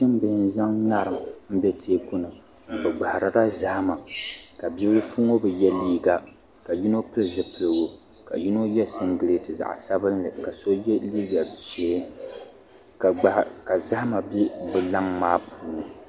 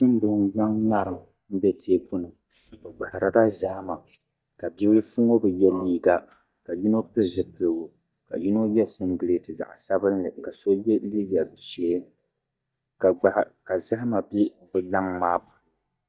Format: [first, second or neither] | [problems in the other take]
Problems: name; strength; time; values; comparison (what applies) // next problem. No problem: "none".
first | noise reduction (neural mask model DeepFilterNet 3)